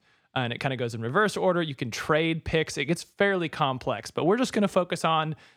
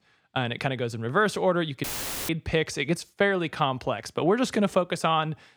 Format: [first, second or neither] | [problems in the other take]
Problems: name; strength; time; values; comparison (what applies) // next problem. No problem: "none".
first | audio cutting out; filled with static; at 2 s